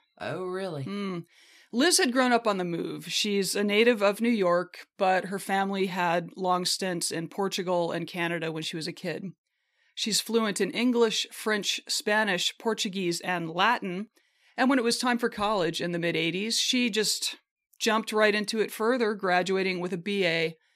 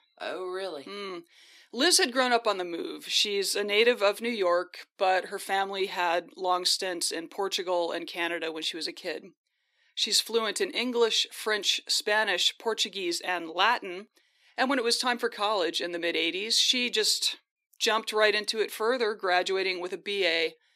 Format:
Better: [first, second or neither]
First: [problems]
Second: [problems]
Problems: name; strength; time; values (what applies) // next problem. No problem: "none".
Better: first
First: none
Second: thin; somewhat; fading below 300 Hz